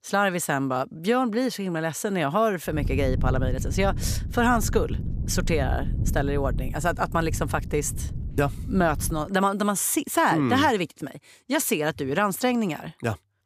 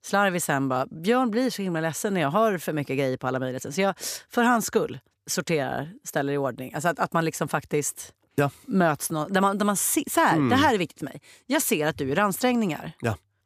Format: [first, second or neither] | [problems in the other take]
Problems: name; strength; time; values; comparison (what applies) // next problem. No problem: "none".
second | wind noise on the microphone; occasional gusts; from 2.5 to 9 s; 20 dB below the speech